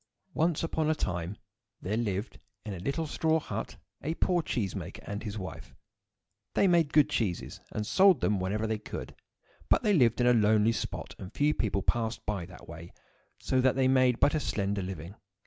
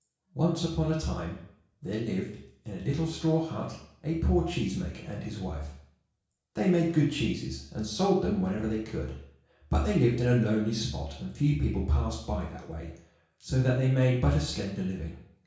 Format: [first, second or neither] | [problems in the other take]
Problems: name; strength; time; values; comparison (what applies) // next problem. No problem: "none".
first | room echo; dies away in 0.6 s